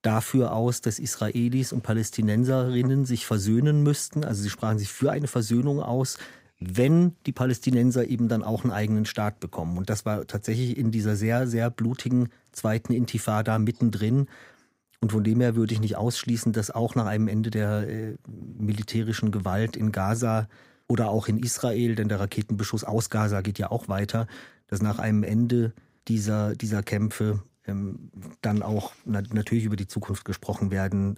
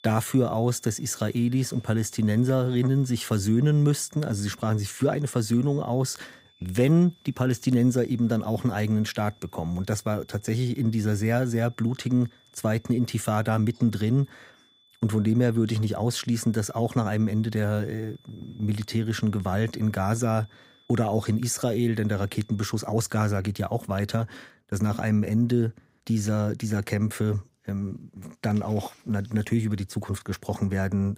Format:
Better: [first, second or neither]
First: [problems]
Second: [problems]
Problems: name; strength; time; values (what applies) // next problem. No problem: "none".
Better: first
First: none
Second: high-pitched whine; faint; until 23 s; 3.5 kHz, 30 dB below the speech